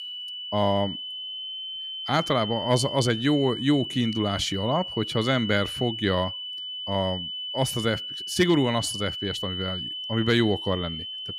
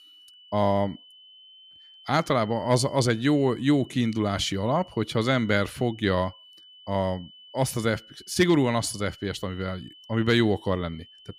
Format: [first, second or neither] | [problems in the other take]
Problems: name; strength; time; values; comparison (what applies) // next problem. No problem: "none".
second | high-pitched whine; loud; throughout; 3 kHz, 6 dB below the speech; faint in the second